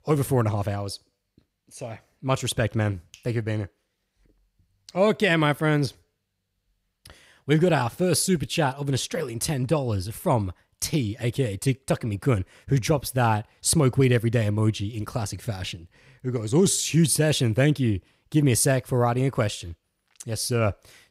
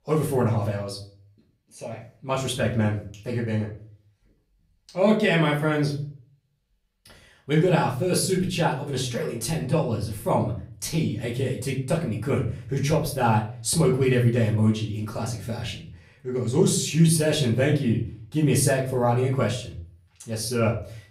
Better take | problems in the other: first | room echo; slight; dies away in 0.4 s // off-mic speech; far

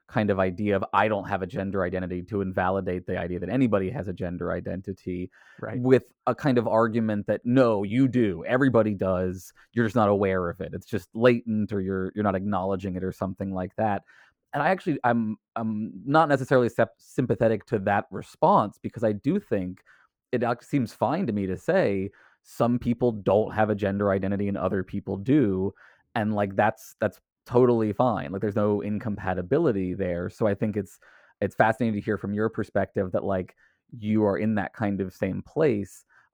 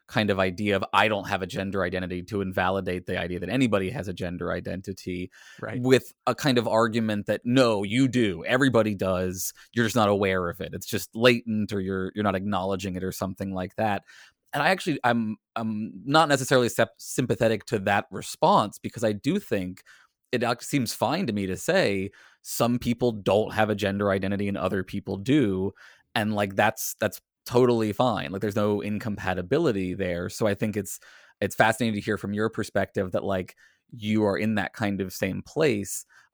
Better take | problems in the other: second | muffled; very; fading above 2.5 kHz

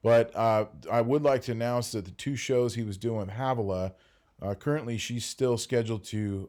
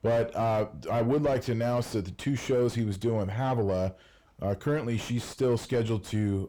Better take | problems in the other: first | distortion; heavy; 7 dB below the speech

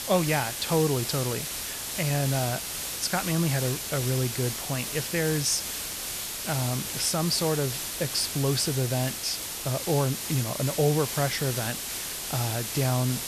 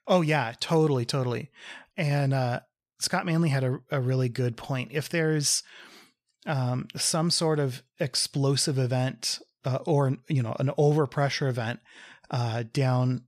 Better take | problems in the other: second | hiss; loud; throughout; 3 dB below the speech

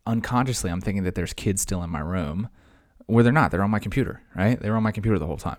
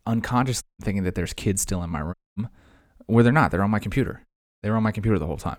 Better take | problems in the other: first | audio cutting out; at 0.5 s, at 2 s and at 4.5 s

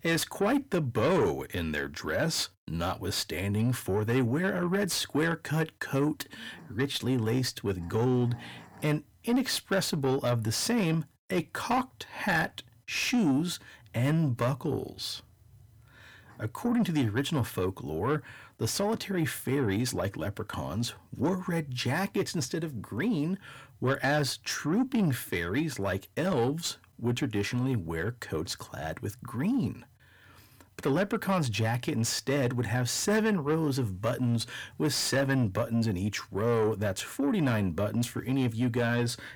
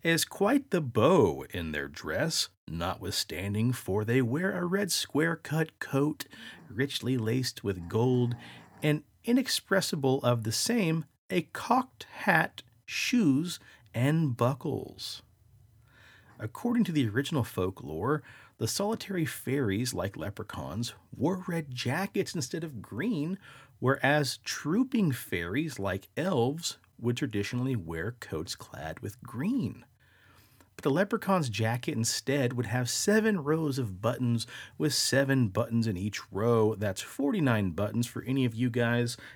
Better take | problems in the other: second | distortion; slight; 10 dB below the speech

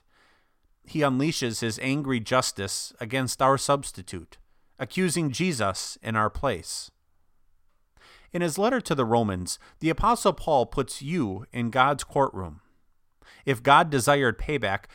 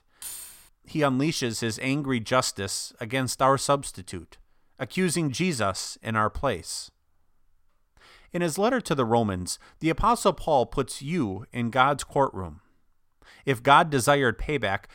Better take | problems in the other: first | jangling keys; faint; at the start; peak 10 dB below the speech

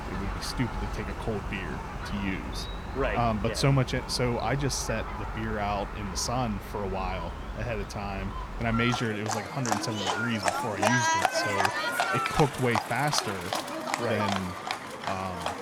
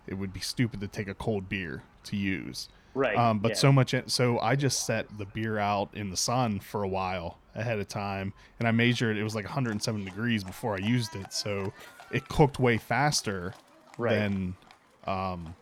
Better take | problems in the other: second | animal sounds; loud; throughout; 1 dB below the speech; faint in the second

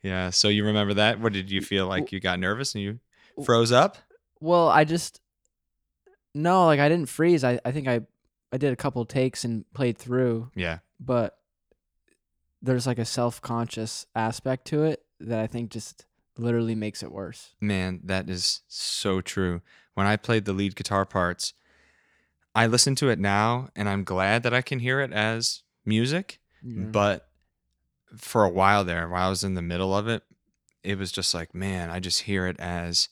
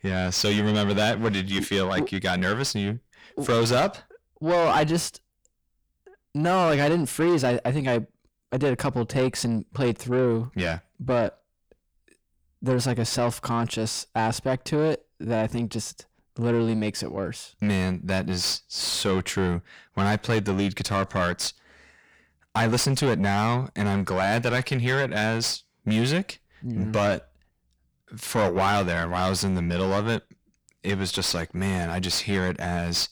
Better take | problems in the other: first | distortion; heavy; 6 dB below the speech

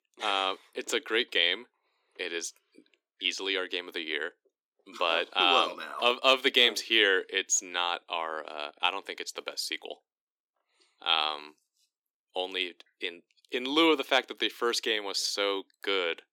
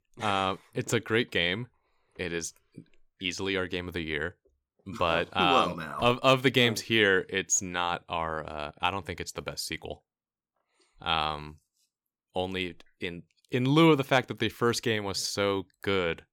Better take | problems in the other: second | thin; somewhat; fading below 300 Hz

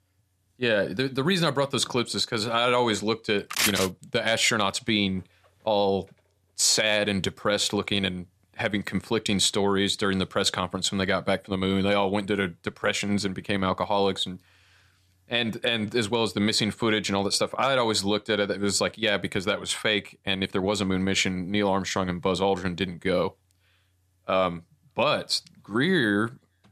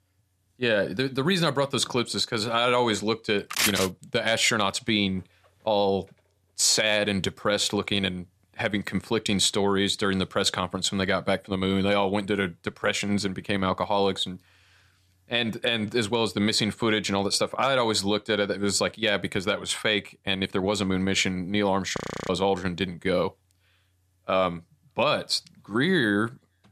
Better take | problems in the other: first | audio freezing; at 22 s

